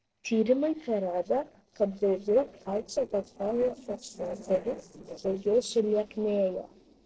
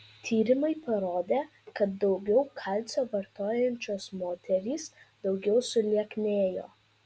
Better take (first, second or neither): second